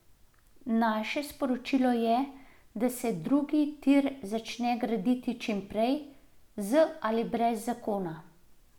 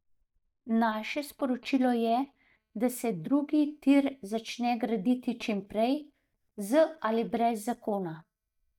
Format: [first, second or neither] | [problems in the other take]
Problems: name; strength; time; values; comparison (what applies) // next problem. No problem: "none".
first | noise reduction (neural mask model DeepFilterNet 3)